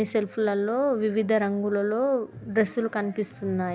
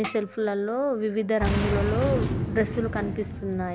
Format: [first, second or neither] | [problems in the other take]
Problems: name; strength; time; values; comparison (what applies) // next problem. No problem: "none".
first | background sound (Boom); 3 dB below the speech